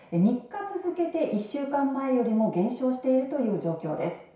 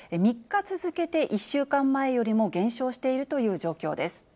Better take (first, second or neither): second